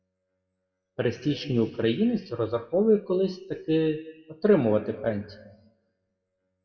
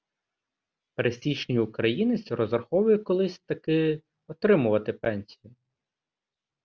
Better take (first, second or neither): second